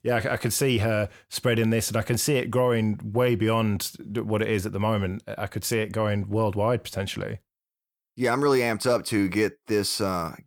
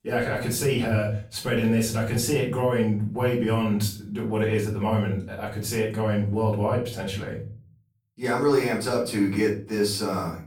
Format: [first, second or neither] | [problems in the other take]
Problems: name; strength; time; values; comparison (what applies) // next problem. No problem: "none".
first | room echo; slight; dies away in 0.4 s // off-mic speech; far